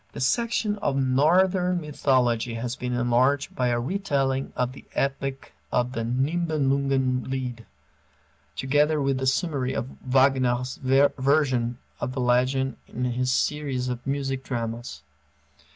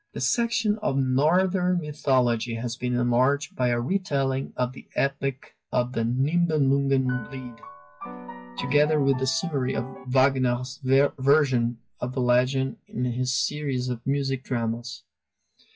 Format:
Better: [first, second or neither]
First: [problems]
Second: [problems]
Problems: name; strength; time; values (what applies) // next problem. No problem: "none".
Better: first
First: none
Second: noise reduction (classical method WPE with log-MMSE)